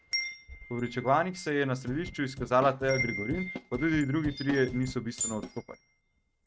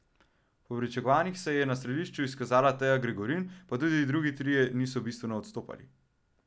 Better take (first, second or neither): second